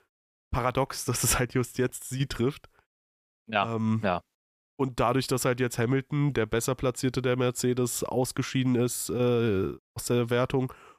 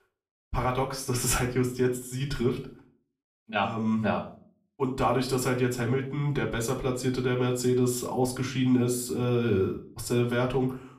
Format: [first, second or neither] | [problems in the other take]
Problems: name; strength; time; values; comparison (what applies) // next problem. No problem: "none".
first | off-mic speech; far // room echo; slight; dies away in 0.4 s